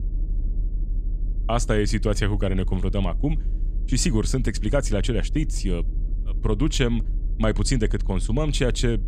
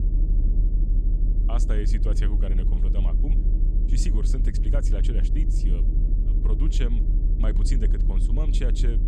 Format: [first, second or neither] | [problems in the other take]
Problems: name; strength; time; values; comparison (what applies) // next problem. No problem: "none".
first | low rumble; loud; throughout; 4 dB below the speech; faint in the first